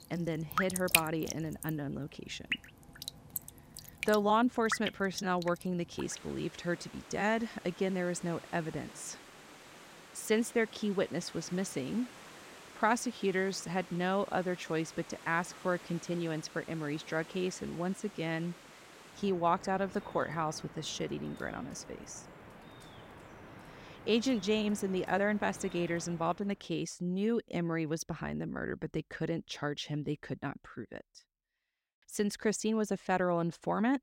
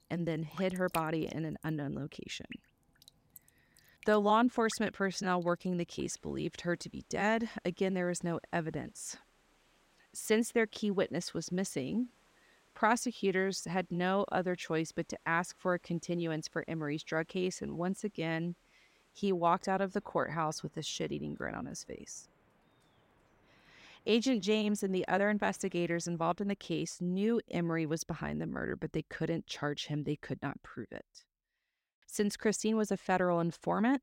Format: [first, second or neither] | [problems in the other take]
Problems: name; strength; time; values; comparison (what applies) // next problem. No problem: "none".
second | rain or running water; loud; until 26 s; 9 dB below the speech; faint in the second